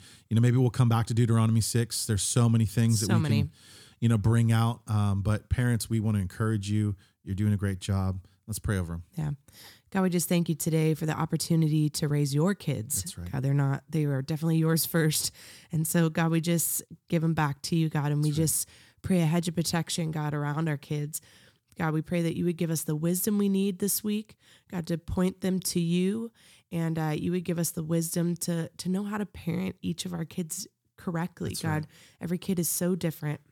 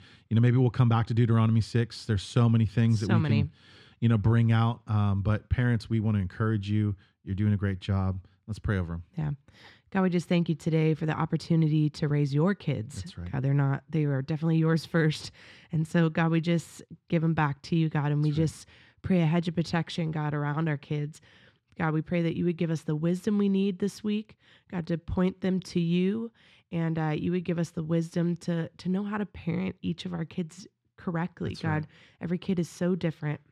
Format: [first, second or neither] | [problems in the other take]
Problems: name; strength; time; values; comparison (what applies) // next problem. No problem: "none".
first | muffled; slightly; fading above 3 kHz